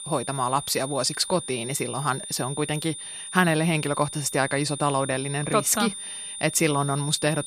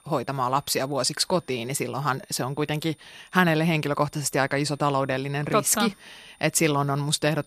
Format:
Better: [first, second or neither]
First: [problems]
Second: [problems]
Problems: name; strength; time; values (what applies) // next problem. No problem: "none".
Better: second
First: high-pitched whine; loud; throughout; 9 kHz, 9 dB below the speech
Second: high-pitched whine; faint; throughout; 9 kHz, 35 dB below the speech